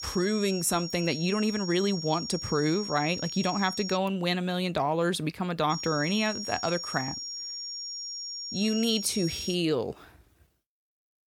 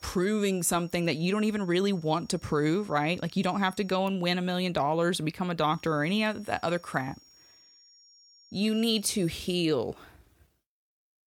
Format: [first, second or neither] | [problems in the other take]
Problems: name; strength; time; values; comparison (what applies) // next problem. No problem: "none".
second | high-pitched whine; loud; until 4 s and from 5.5 to 9.5 s; 5.5 kHz, 7 dB below the speech; faint in the second